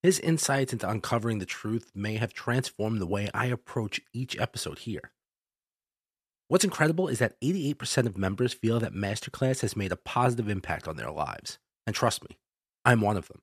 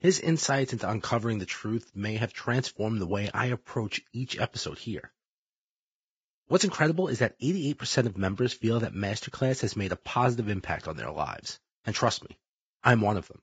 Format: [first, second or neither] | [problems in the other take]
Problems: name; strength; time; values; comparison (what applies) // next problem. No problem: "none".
first | garbled, watery; badly; nothing above 7.5 kHz